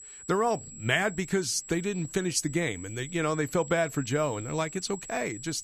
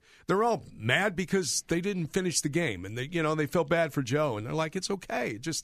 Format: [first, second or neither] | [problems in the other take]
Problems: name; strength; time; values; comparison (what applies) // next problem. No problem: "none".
second | high-pitched whine; noticeable; throughout; 7.5 kHz, 15 dB below the speech